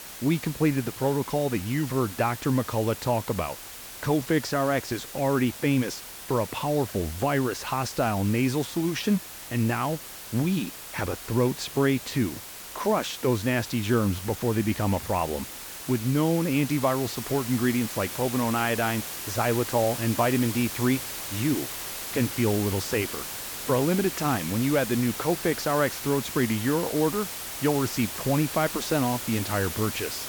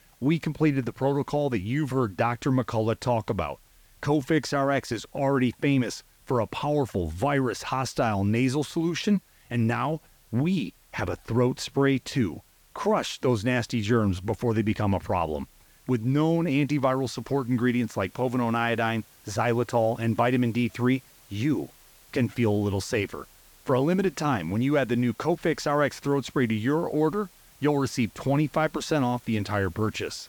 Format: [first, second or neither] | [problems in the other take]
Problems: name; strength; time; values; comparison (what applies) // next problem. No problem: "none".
second | hiss; loud; throughout; 8 dB below the speech; faint in the second